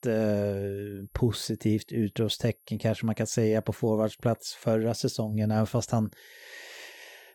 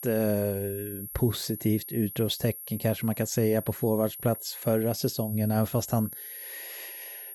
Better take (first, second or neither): first